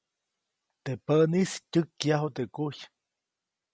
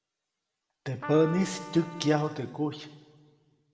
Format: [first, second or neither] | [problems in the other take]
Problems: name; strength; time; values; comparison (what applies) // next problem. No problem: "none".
first | background sound (Trumpet); 12 dB below the speech // room echo; dies away in 1.2 s